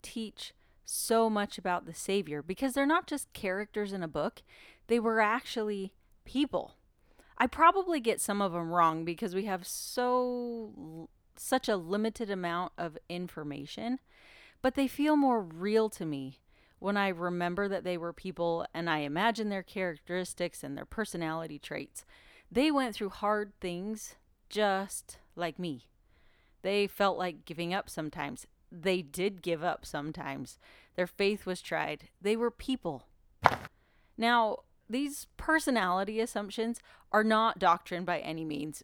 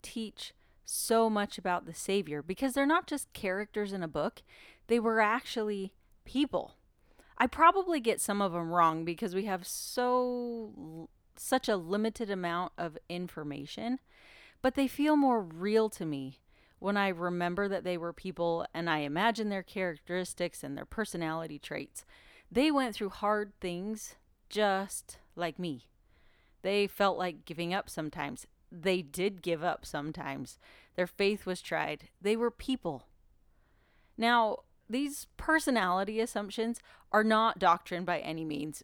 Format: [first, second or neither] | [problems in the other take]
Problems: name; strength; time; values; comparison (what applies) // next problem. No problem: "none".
second | footsteps; loud; at 33 s; peak 3 dB above the speech